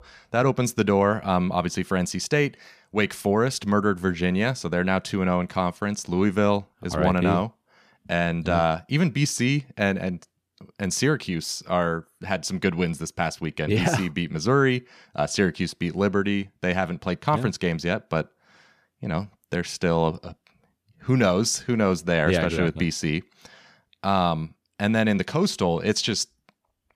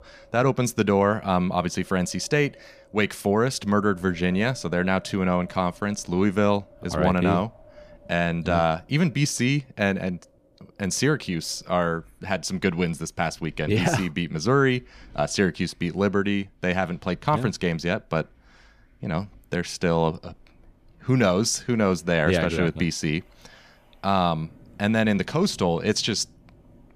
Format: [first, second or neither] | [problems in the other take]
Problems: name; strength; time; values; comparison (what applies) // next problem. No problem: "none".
first | wind in the background; faint; throughout; 30 dB below the speech